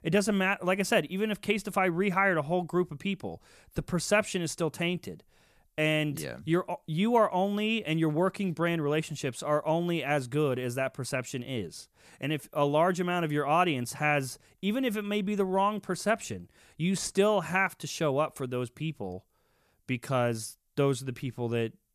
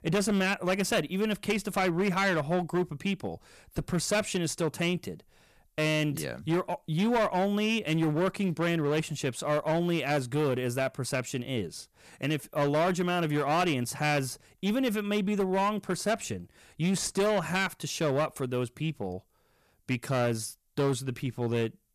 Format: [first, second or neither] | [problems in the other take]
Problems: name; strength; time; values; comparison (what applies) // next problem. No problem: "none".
first | distortion; slight; 10% of the sound clipped